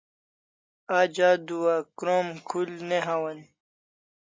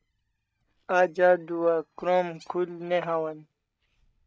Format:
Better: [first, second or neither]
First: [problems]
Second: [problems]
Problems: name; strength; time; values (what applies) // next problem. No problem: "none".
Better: first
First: none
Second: noise reduction (neural mask model DeepFilterNet 3)